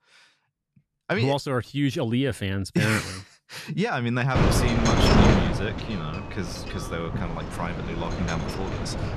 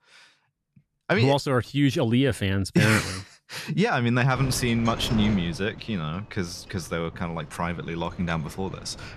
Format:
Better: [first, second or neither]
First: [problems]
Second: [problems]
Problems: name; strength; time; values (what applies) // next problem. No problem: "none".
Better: second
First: wind noise on the microphone; heavy; from 4.5 s on; 1 dB above the speech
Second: wind noise on the microphone; occasional gusts; from 4.5 s on; 15 dB below the speech